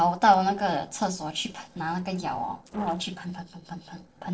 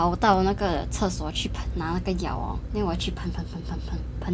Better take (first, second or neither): second